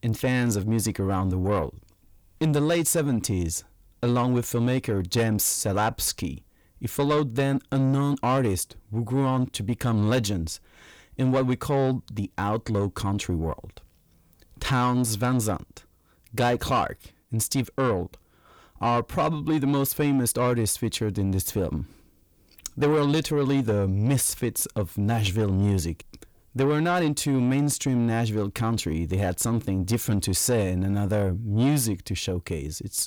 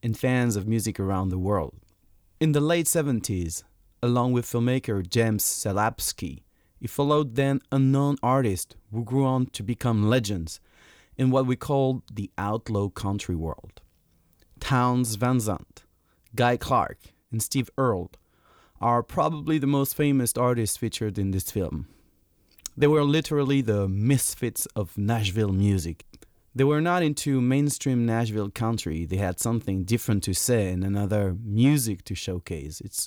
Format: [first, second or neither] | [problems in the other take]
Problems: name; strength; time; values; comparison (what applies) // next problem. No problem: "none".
second | distortion; slight; 10 dB below the speech